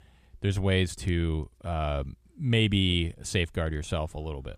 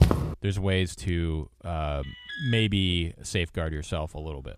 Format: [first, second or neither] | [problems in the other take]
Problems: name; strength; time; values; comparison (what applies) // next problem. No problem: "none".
first | footsteps; loud; at the start; peak 6 dB above the speech // alarm; noticeable; at 2 s; peak 7 dB below the speech